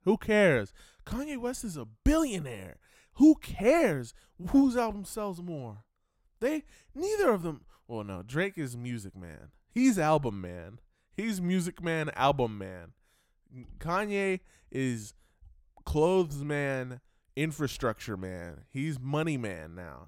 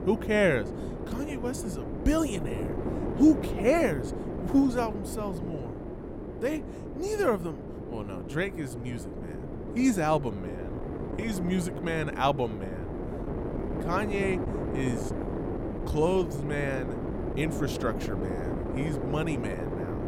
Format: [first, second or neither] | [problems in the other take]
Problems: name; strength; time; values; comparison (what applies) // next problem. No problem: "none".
first | wind noise on the microphone; heavy; 8 dB below the speech